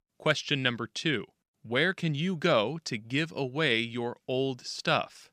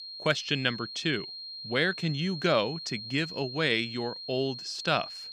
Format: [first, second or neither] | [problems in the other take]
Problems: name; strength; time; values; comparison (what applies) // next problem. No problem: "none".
first | high-pitched whine; loud; throughout; 4 kHz, 9 dB below the speech